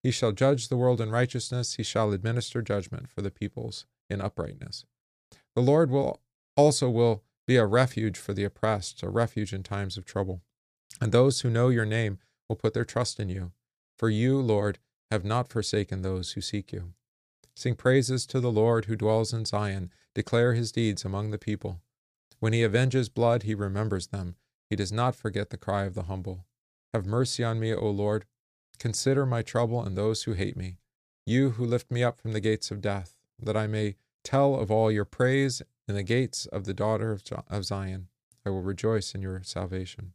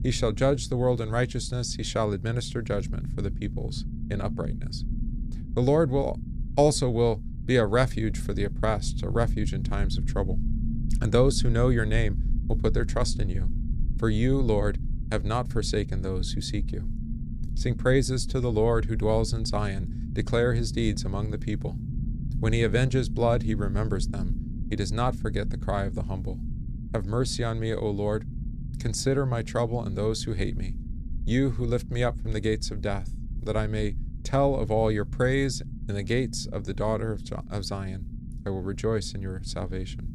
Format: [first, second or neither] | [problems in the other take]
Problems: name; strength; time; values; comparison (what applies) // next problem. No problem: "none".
first | low rumble; noticeable; throughout; 15 dB below the speech